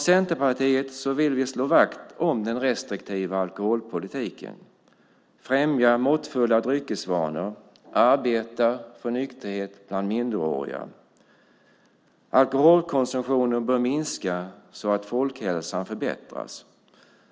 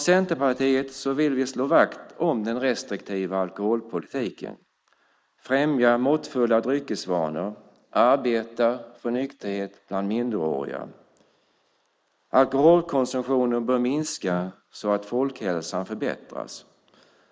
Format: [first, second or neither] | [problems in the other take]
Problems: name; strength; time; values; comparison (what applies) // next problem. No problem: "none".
first | noise reduction (neural mask model Resemble Enhance denoiser)